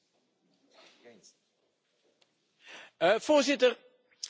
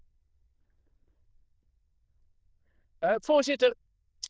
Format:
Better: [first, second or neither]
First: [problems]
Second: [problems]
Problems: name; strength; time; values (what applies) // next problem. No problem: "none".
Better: first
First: none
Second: noise reduction (neural diffusion model UNIVERSE++)